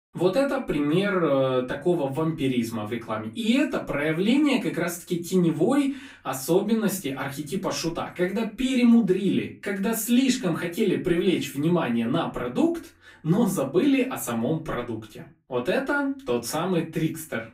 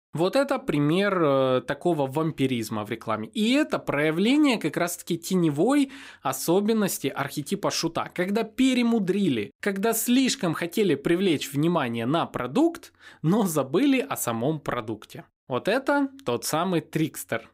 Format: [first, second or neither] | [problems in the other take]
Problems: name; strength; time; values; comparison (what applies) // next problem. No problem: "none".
second | off-mic speech; far // room echo; very slight; dies away in 0.2 s